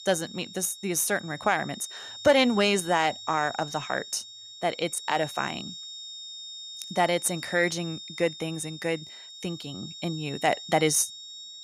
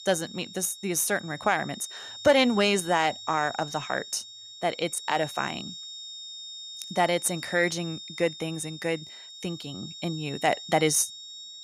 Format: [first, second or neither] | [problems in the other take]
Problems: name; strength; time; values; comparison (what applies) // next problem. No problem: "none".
neither | high-pitched whine; noticeable; throughout; 3.5 kHz, 10 dB below the speech; the same in both